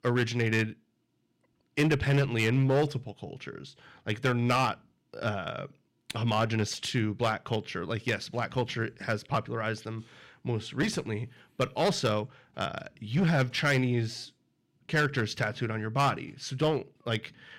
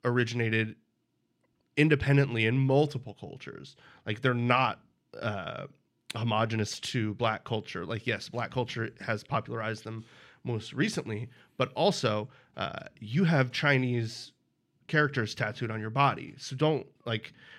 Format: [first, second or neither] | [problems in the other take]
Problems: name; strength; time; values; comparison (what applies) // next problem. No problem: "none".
second | distortion; slight; 5% of the sound clipped